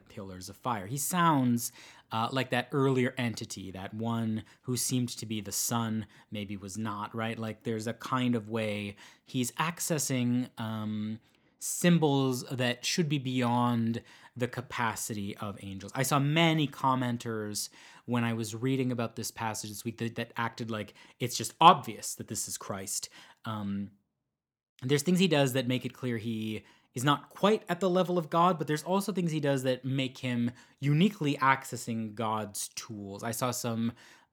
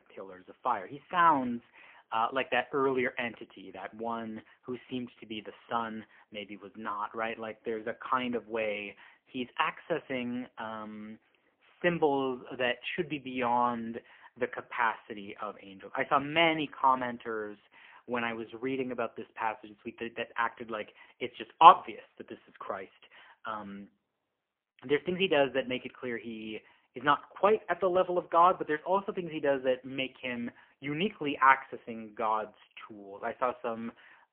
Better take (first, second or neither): first